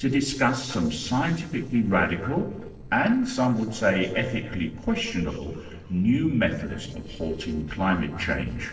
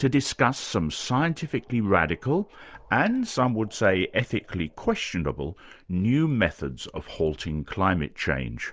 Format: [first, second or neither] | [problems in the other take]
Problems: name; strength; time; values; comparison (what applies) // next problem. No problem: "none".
second | noise reduction (neural separator model SepFormer DNS4)